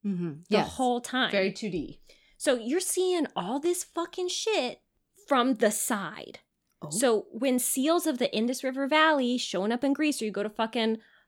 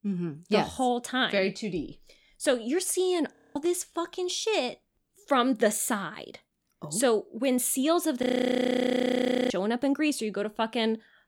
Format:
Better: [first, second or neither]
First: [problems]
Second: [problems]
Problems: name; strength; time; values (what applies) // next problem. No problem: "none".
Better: first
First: none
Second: audio freezing; at 3.5 s and at 8 s for 1.5 s